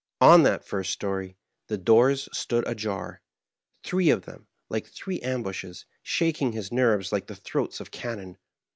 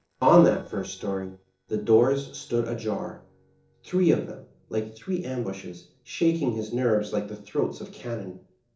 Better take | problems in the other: first | noise reduction (neural separator model SepFormer DNS4)

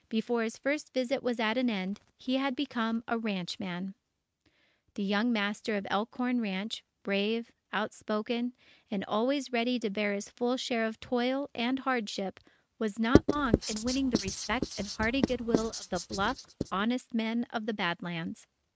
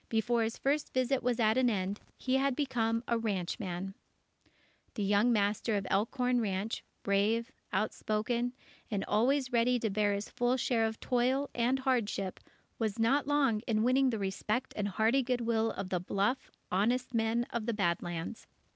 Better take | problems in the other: second | noise reduction (neural mask model RNNoise)

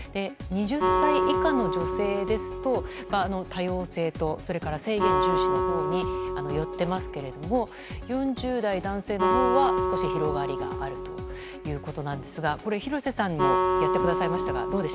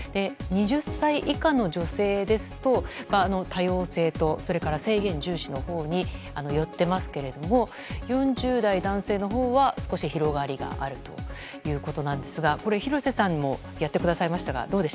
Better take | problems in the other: second | background sound (Acoustic guitar); as loud as the speech

